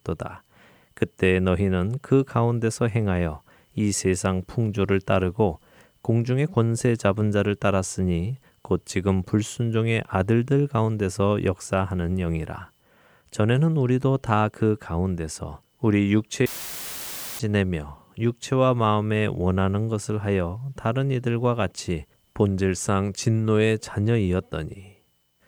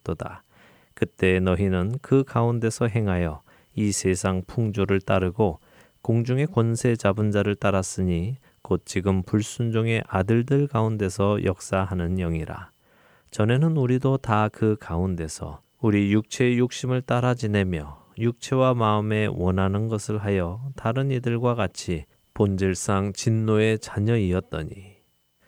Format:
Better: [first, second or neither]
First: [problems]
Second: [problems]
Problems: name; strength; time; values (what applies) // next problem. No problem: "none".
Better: second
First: audio cutting out; filled with static; at 16 s for 1 s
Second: none